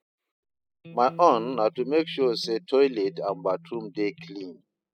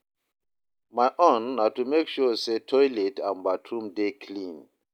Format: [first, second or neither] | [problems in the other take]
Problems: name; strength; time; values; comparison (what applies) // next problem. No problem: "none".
second | noise reduction (classical method spectral subtraction)